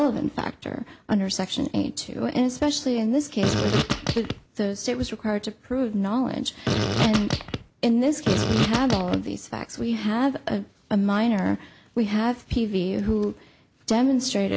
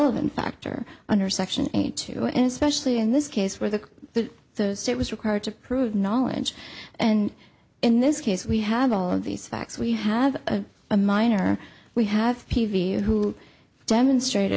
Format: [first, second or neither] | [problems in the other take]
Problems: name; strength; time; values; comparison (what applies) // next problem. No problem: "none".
second | background sound (Fart); as loud as the speech